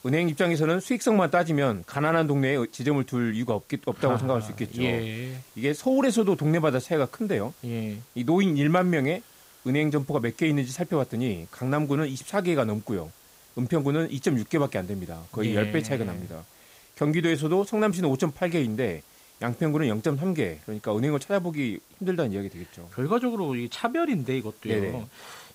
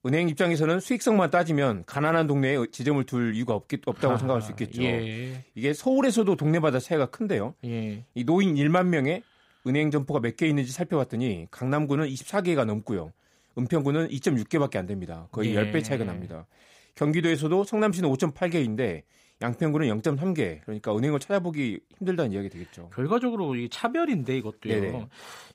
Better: second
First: hiss; faint; throughout; 25 dB below the speech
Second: none

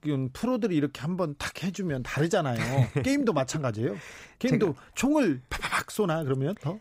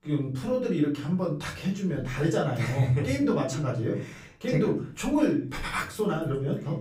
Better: first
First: none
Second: off-mic speech; far // room echo; slight; dies away in 0.4 s

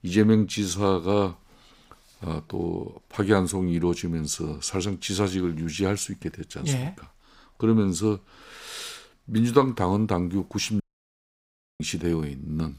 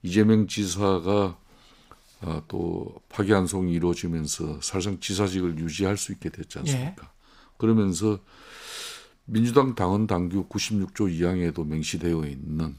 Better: second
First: audio cutting out; at 11 s for 1 s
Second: none

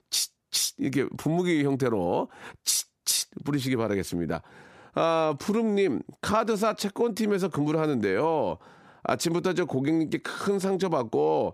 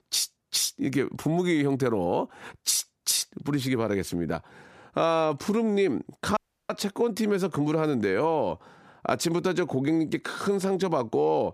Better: first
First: none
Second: audio cutting out; at 6.5 s

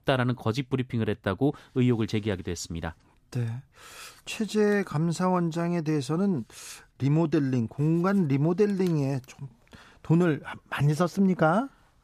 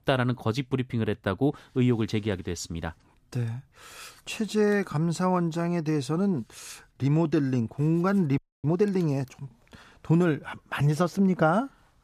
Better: first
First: none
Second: audio freezing; at 8.5 s

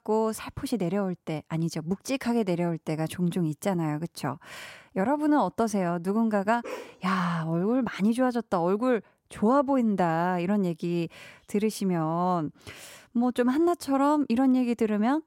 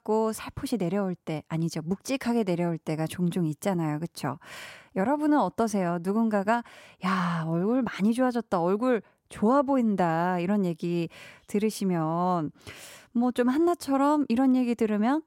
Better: second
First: dog barking; faint; at 6.5 s; peak 10 dB below the speech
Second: none

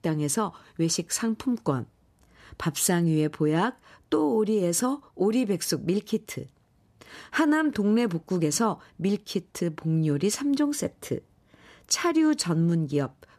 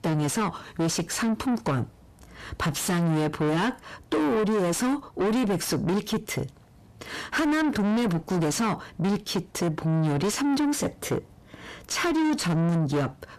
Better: first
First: none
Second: distortion; heavy; 6 dB below the speech

